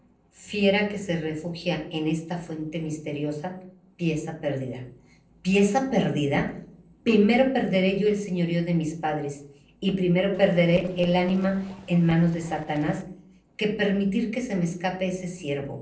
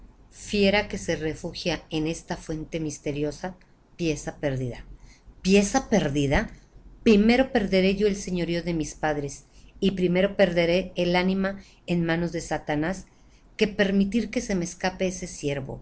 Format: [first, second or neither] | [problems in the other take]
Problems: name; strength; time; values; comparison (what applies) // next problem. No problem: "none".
second | noise reduction (neural separator model SepFormer DNS4)